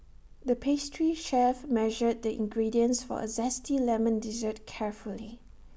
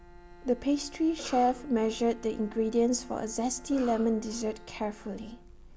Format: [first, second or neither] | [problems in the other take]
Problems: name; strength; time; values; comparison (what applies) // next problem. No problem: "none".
first | background sound (Bowed string instrument + Cough); 19 dB below the speech